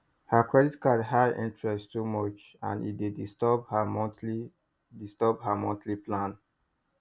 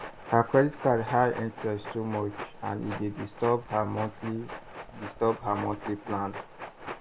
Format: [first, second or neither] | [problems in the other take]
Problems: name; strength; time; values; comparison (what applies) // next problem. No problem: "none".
first | background sound (Train); 12 dB below the speech